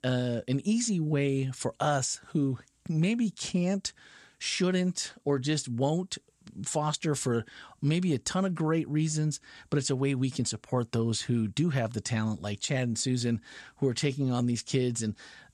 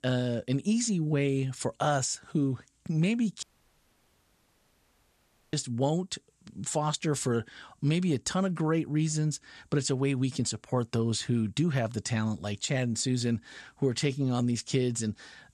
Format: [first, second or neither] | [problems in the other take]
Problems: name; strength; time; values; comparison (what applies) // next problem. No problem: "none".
first | audio cutting out; at 3.5 s for 2 s